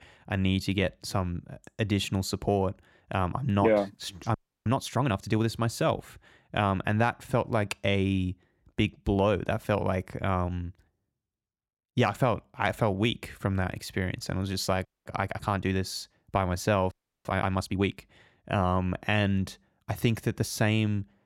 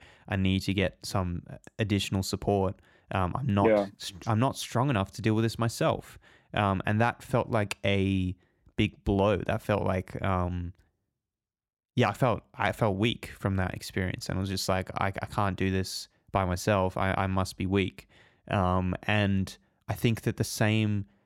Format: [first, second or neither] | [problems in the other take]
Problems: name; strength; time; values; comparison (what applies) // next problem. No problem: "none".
second | audio freezing; at 4.5 s, at 15 s and at 17 s